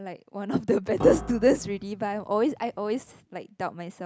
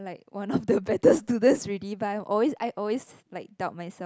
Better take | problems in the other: second | background sound (Bass drum + Piano); 13 dB below the speech

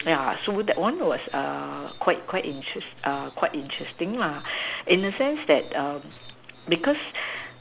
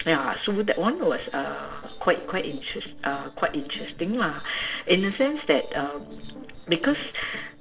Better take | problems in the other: first | noise reduction (neural separator model SepFormer DNS4)

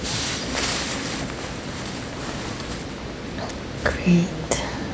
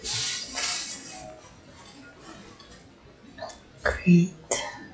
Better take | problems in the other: first | noise reduction (classical method log-MMSE)

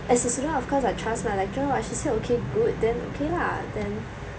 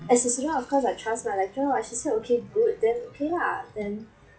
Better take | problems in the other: first | noise reduction (classical method log-MMSE)

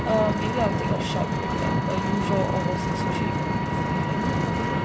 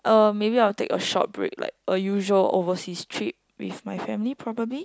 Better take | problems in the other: second | background sound (Vehicle); 5 dB above the speech // room echo; dies away in 2.6 s

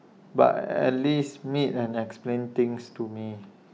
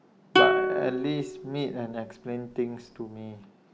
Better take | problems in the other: first | background sound (Plucked string instrument); 3 dB above the speech

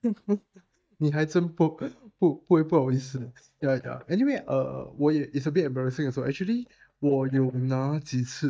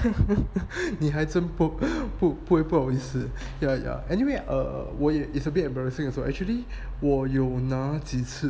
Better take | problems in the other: second | noise reduction (neural mask model DeepFilterNet 3)

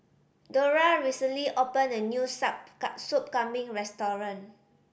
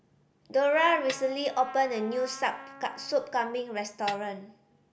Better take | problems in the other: first | background sound (Snare drum + Trumpet); 17 dB below the speech

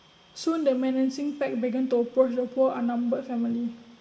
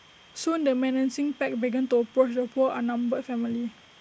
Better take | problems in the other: second | room echo; dies away in 1.4 s

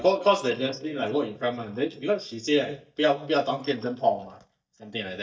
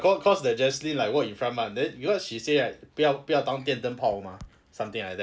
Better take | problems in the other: second | noise reduction (neural mask model DeepFilterNet 3)

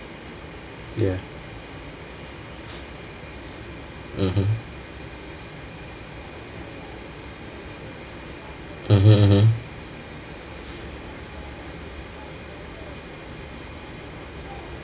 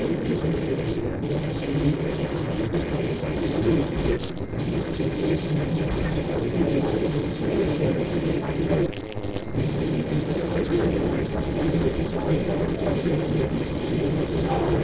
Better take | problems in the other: first | noise reduction (neural separator model SepFormer DNS4)

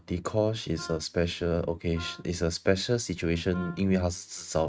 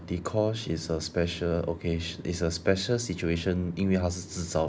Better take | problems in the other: second | noise reduction (neural mask model RNNoise)

